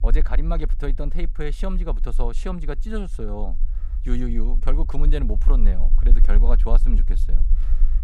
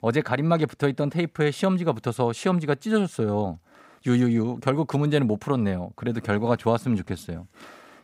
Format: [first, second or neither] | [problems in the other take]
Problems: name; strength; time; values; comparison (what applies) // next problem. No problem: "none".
second | low rumble; noticeable; throughout; 15 dB below the speech